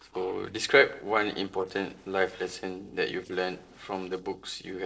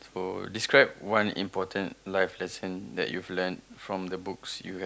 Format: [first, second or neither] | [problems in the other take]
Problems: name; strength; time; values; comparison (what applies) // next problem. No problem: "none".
second | noise reduction (neural separator model SepFormer DNS4)